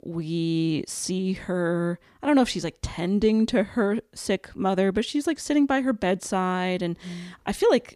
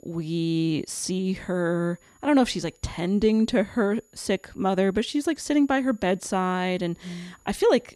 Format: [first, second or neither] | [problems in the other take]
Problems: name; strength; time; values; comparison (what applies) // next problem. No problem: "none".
first | high-pitched whine; faint; throughout; 7 kHz, 35 dB below the speech